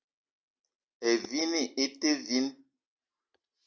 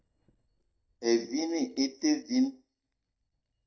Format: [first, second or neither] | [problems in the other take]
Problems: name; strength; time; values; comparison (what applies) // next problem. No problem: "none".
first | noise reduction (neural mask model DeepFilterNet 3)